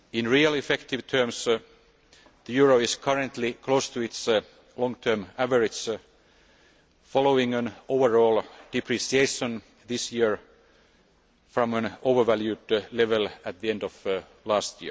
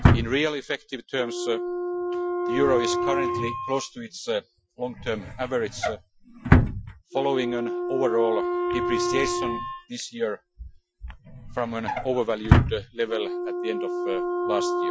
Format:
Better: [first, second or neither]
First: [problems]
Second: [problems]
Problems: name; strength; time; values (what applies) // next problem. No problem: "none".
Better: first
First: none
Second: noise reduction (classical method Wiener filter)